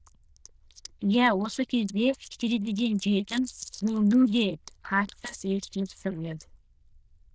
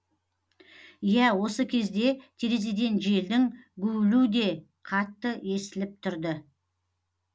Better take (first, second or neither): second